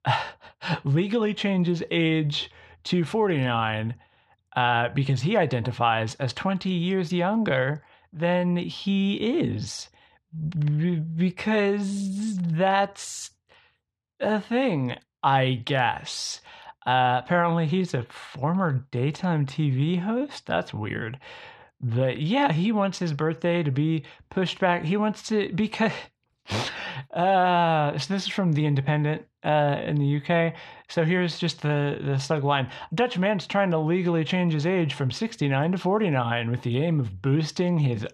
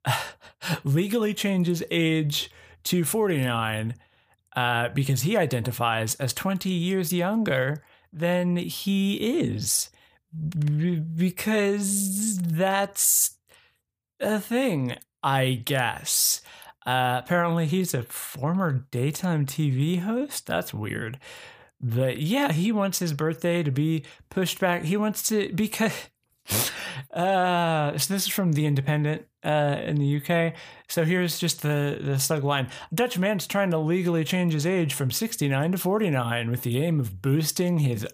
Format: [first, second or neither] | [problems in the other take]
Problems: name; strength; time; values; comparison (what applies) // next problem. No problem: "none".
second | muffled; slightly; fading above 4.5 kHz